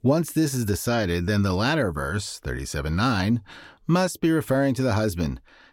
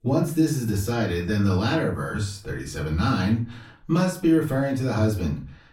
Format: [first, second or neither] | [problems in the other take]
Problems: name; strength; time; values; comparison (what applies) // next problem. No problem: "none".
first | off-mic speech; far // room echo; slight; dies away in 0.3 s